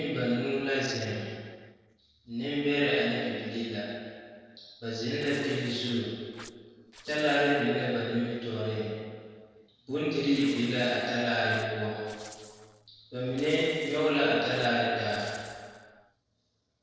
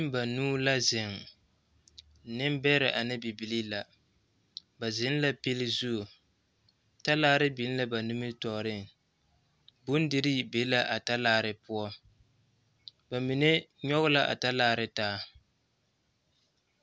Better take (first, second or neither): second